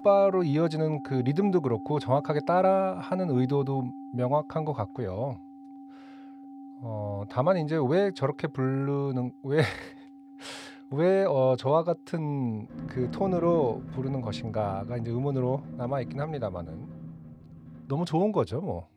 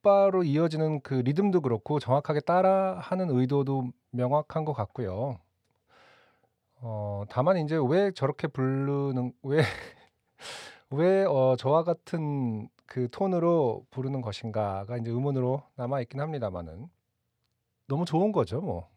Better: second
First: background music; noticeable; throughout; 15 dB below the speech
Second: none

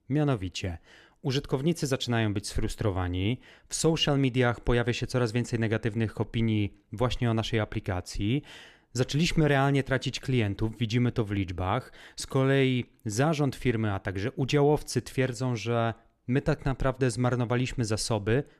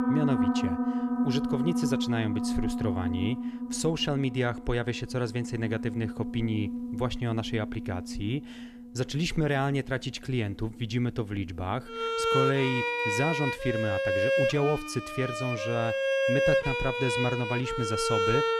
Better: first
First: none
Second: background music; very loud; throughout; 1 dB above the speech

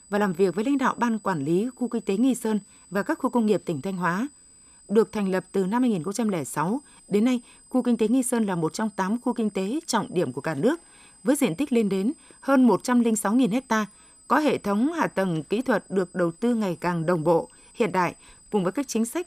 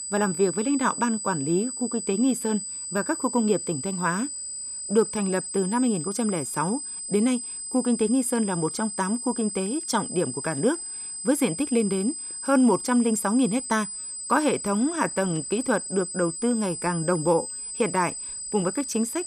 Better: first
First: high-pitched whine; faint; throughout; 8 kHz, 25 dB below the speech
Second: high-pitched whine; loud; throughout; 8 kHz, 6 dB below the speech

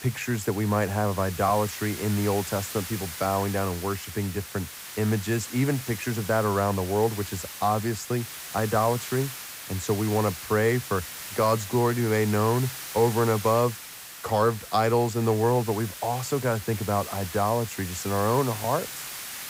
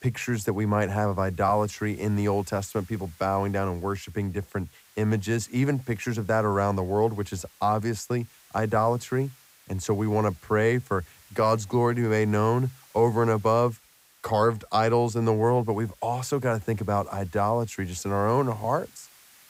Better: second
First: hiss; loud; throughout; 10 dB below the speech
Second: hiss; faint; throughout; 25 dB below the speech

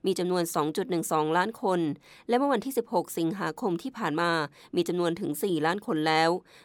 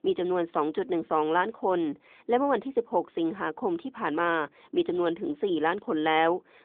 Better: first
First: none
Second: phone-call audio; nothing above 3.5 kHz

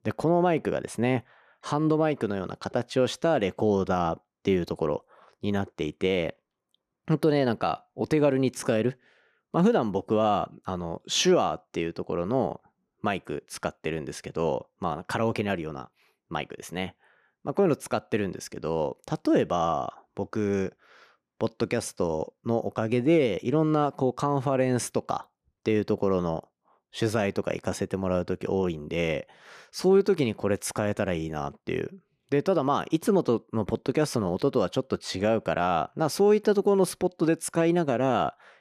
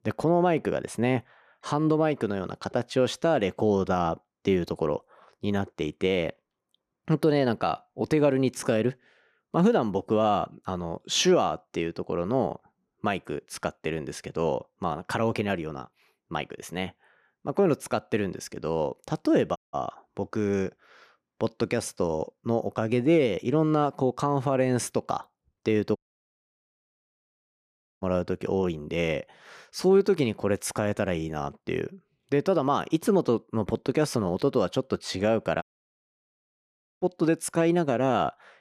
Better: first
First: none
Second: audio cutting out; at 20 s, at 26 s for 2 s and at 36 s for 1.5 s

